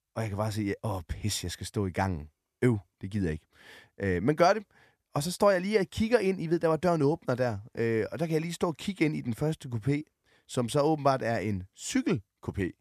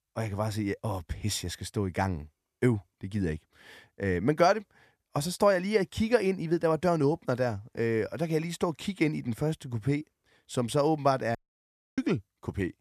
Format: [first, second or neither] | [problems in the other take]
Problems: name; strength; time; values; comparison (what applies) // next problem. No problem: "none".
first | audio cutting out; at 11 s for 0.5 s